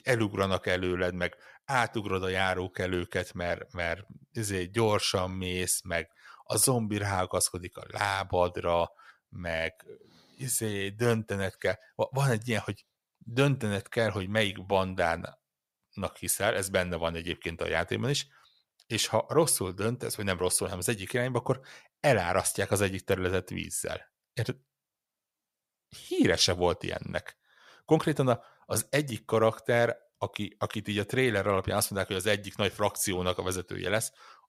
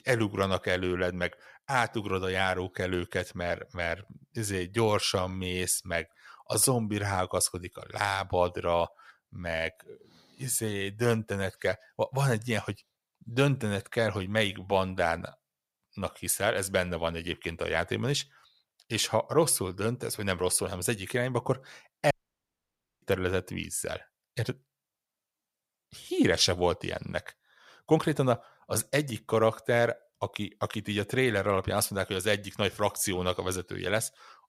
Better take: first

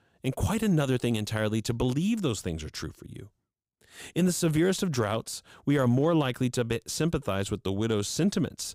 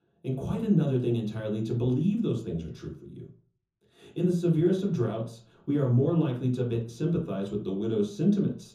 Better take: first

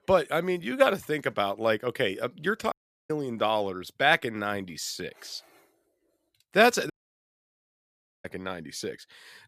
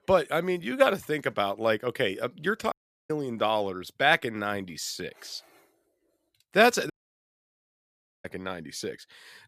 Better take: neither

